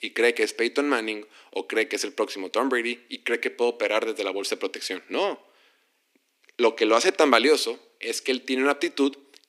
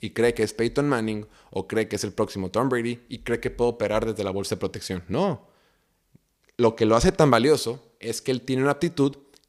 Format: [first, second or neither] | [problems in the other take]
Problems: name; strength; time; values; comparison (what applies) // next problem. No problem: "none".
second | thin; very slightly; fading below 250 Hz